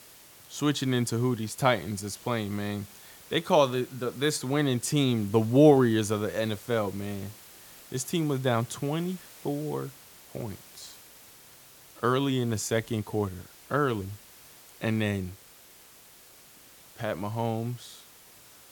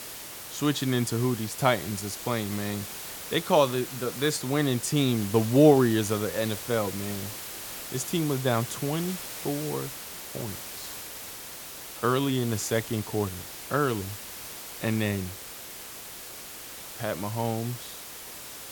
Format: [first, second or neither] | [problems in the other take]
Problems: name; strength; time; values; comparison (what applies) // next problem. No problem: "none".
first | hiss; loud; throughout; 10 dB below the speech; faint in the first